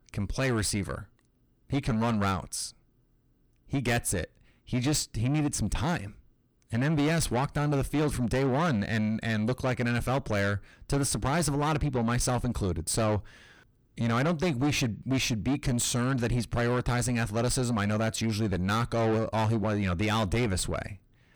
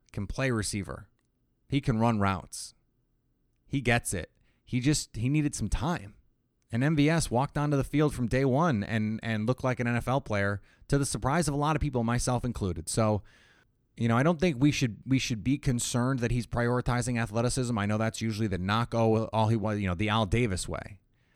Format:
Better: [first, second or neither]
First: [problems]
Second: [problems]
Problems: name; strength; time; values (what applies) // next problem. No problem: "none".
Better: second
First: distortion; heavy; 8 dB below the speech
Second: none